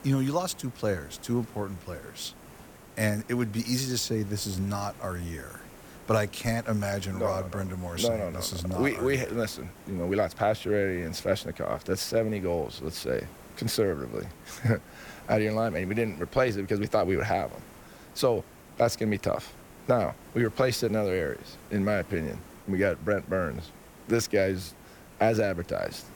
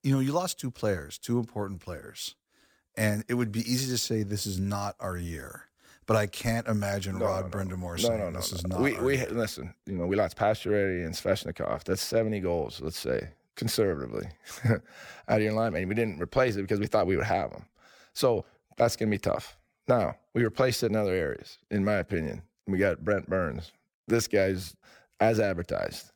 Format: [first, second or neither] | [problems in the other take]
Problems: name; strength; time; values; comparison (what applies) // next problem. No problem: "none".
second | hiss; noticeable; throughout; 20 dB below the speech